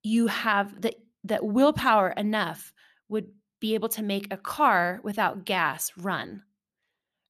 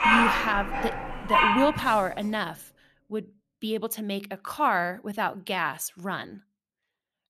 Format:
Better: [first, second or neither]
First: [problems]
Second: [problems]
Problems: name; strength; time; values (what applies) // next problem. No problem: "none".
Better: first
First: none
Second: animal sounds; very loud; until 2 s; 4 dB above the speech